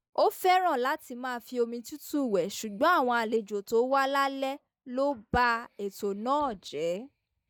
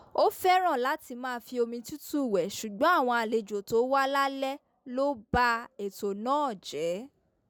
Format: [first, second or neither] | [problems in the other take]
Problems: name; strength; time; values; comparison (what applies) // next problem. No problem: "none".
second | noise reduction (neural mask model DeepFilterNet 3)